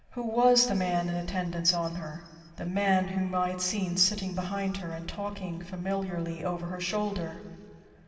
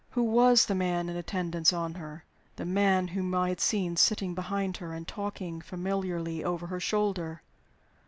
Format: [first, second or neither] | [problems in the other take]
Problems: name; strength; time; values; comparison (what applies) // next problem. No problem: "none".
second | room echo; dies away in 1.9 s